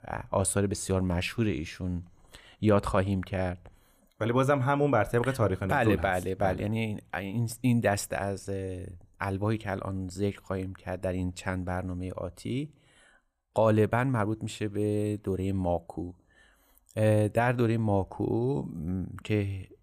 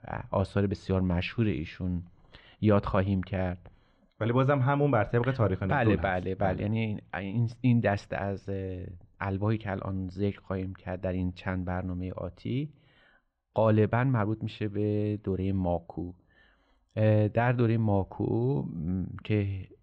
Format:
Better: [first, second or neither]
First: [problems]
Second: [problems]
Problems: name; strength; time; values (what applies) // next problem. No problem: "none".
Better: first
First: none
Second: muffled; slightly; fading above 4 kHz